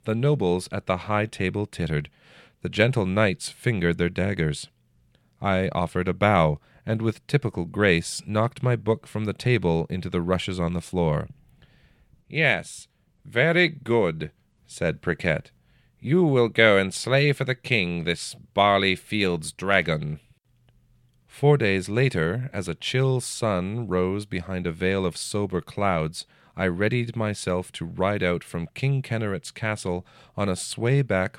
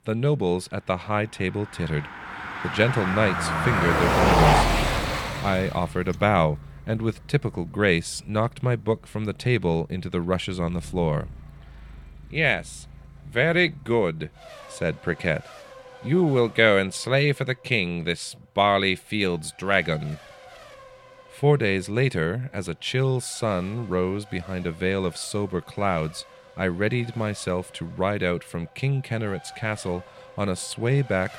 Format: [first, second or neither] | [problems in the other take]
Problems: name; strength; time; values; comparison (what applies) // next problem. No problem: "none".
first | traffic noise; loud; throughout; as loud as the speech